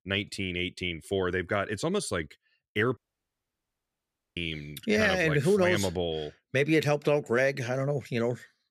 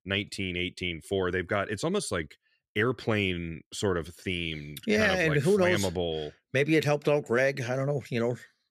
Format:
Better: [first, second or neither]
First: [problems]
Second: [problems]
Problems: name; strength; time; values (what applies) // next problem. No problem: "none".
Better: second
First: audio cutting out; at 3 s for 1.5 s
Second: none